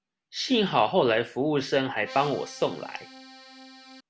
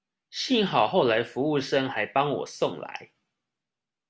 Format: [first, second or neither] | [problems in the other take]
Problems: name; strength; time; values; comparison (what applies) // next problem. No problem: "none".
second | background sound (Accordion); 18 dB below the speech